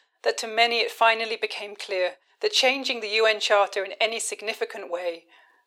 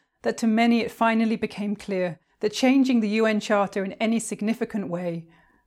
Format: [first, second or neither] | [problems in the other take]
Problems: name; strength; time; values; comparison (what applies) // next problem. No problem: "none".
second | thin; very; fading below 400 Hz